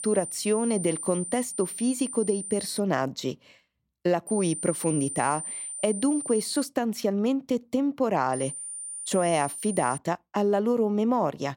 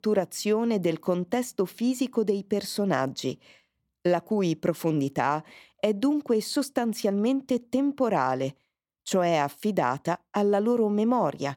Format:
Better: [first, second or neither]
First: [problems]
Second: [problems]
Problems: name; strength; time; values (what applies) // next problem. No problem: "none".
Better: second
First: high-pitched whine; loud; until 3 s, from 4.5 to 6.5 s and from 8.5 to 10 s; 9 kHz, 7 dB below the speech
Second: none